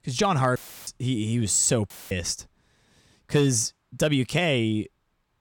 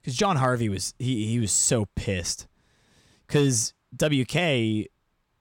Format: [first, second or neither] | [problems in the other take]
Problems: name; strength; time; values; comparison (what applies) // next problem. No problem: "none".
second | audio cutting out; filled with static; at 0.5 s and at 2 s